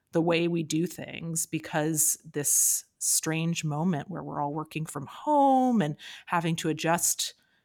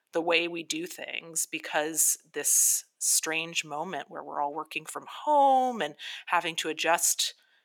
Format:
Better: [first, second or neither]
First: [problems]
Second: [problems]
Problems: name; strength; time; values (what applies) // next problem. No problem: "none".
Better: first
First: none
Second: thin; very; fading below 550 Hz